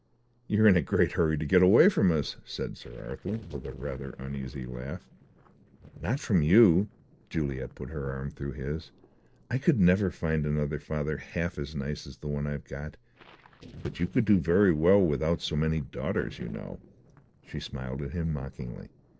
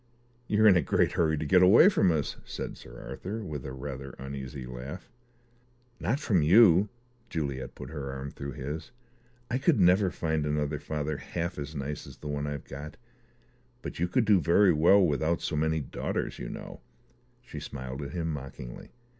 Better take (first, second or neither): second